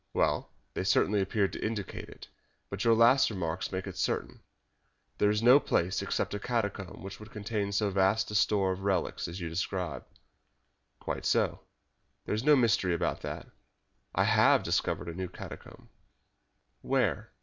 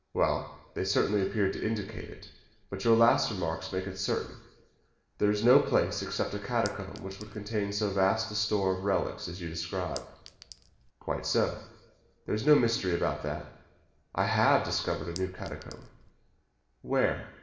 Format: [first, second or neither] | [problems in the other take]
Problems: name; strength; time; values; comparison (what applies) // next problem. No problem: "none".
first | background sound (Chink, clink); 19 dB below the speech // room echo; dies away in 1 s